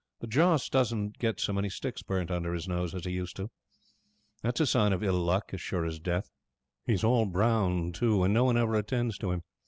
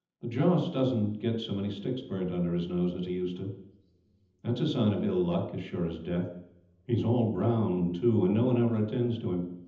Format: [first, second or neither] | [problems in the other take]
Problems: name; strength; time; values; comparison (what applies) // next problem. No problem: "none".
first | room echo; dies away in 0.8 s